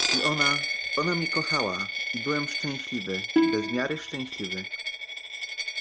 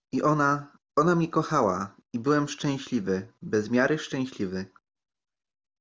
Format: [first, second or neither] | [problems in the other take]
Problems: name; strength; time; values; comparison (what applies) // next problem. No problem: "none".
second | background sound (Coin (dropping) + Plucked string instrument); 3 dB above the speech